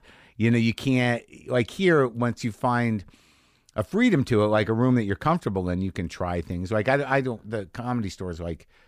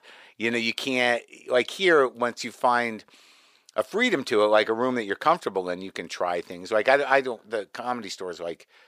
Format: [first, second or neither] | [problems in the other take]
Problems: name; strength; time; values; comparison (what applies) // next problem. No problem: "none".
first | thin; somewhat; fading below 500 Hz